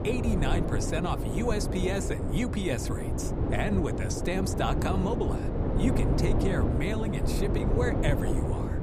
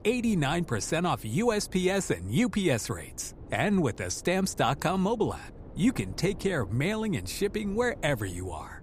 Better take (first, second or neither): second